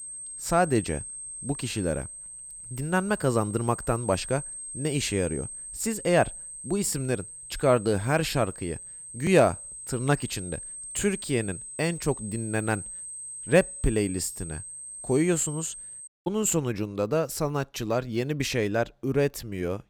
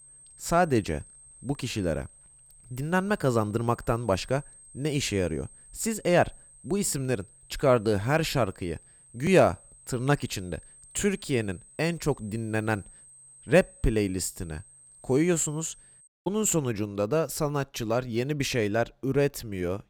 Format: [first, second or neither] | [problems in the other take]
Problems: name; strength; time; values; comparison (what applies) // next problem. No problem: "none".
second | high-pitched whine; loud; until 16 s; 8.5 kHz, 10 dB below the speech; faint in the second